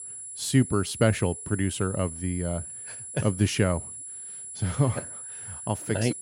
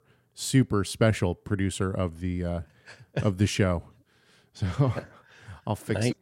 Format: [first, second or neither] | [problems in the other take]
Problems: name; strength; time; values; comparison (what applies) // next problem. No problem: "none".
second | high-pitched whine; loud; throughout; 10 kHz, 9 dB below the speech